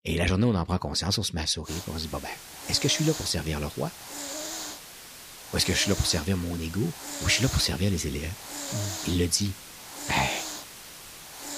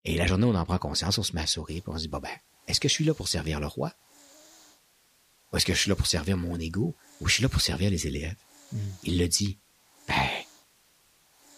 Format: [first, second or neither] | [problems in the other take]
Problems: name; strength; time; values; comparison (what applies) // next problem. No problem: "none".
second | hiss; loud; from 1.5 s on; 9 dB below the speech; faint in the second